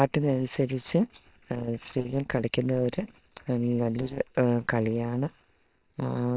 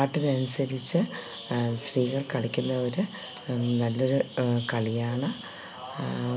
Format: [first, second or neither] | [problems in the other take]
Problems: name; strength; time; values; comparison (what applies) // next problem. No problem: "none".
second | noise reduction (neural separator model SepFormer WHAM!)